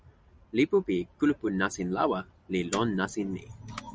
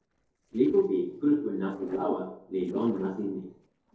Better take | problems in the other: first | noise reduction (neural separator model SepFormer DNS4)

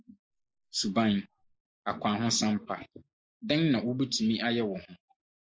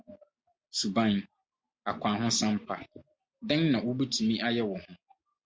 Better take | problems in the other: second | noise reduction (neural mask model Resemble Enhance denoiser)

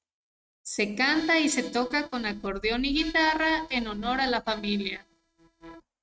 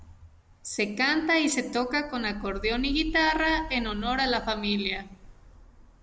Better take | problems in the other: second | noise reduction (neural mask model RNNoise)

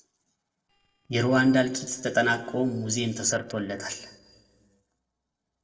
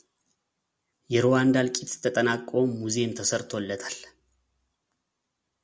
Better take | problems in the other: second | noise reduction (neural separator model SepFormer DNS4)

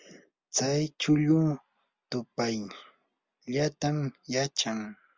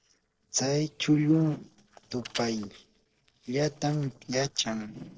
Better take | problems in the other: first | noise reduction (neural separator model SepFormer DNS4)

